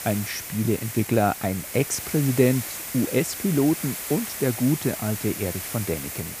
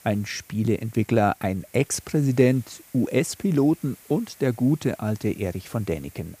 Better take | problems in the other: second | hiss; loud; throughout; 7 dB below the speech; faint in the second

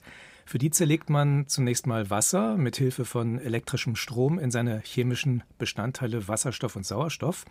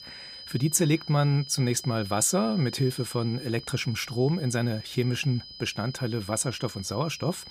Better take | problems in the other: first | high-pitched whine; noticeable; throughout; 5 kHz, 15 dB below the speech

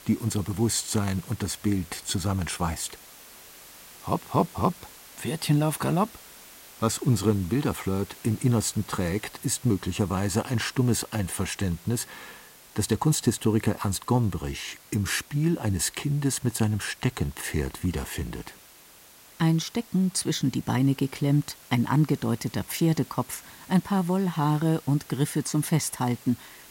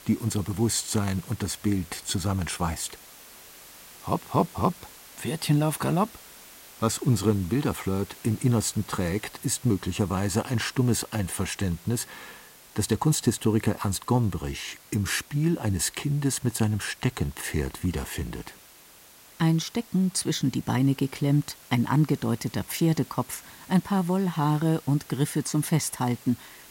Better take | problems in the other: neither | hiss; faint; throughout; 20 dB below the speech; the same in both

